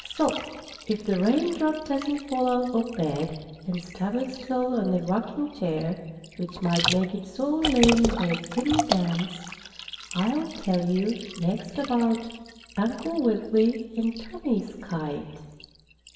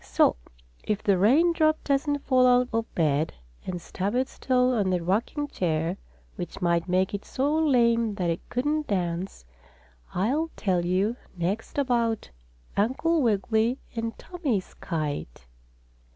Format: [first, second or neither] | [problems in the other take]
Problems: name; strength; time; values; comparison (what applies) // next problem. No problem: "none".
second | background sound (Liquid); 10 dB below the speech // room echo; dies away in 1.2 s